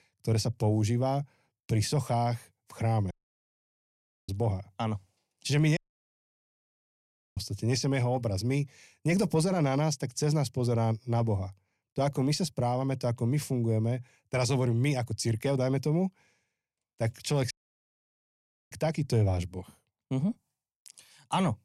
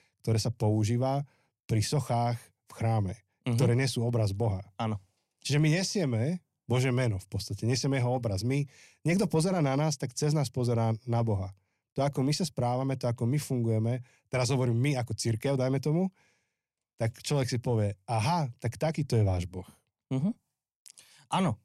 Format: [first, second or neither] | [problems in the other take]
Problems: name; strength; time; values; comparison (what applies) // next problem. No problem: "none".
second | audio cutting out; at 3 s for 1 s, at 6 s for 1.5 s and at 18 s for 1 s